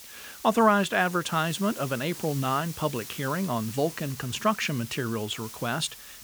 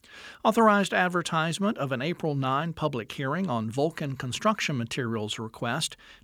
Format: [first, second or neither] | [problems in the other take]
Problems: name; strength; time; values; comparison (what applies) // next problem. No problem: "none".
second | hiss; noticeable; throughout; 10 dB below the speech